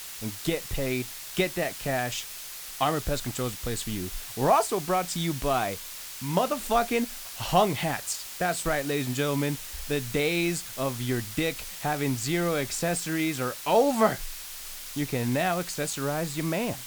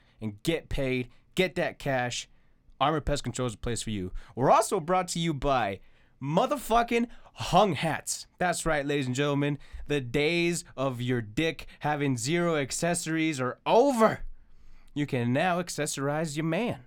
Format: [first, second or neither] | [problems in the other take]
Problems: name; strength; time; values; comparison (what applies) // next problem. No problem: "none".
second | hiss; loud; throughout; 9 dB below the speech